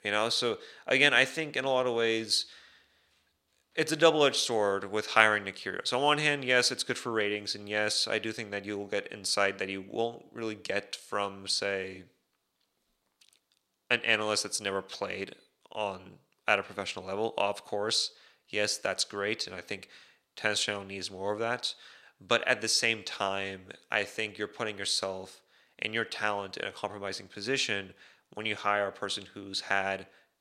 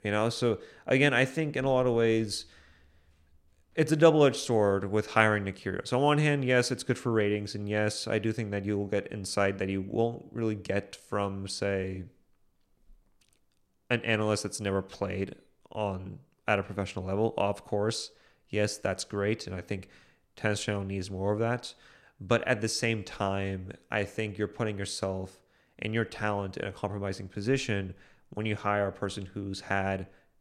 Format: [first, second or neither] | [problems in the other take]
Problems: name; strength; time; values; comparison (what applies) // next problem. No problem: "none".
second | thin; somewhat; fading below 850 Hz